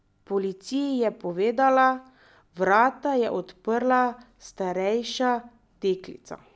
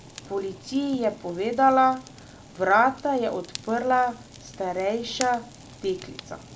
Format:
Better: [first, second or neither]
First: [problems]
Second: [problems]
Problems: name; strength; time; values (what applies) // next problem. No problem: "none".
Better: first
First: none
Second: background sound (Fire); 18 dB below the speech // room echo; dies away in 0.2 s